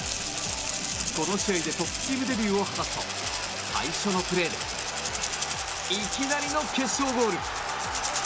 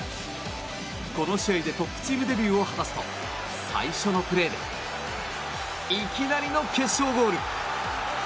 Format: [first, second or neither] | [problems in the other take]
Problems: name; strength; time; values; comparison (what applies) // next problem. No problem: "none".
second | background sound (Rattle (instrument)); 4 dB below the speech